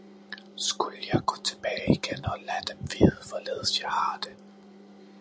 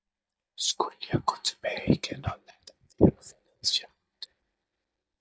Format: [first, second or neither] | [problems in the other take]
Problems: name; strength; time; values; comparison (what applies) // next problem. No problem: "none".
first | noise reduction (neural mask model DeepFilterNet 3)